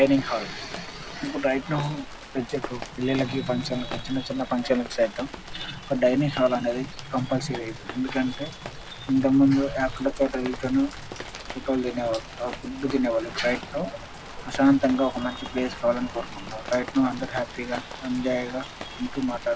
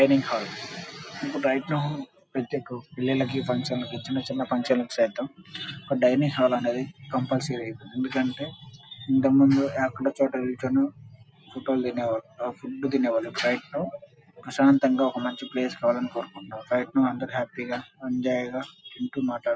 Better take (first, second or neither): second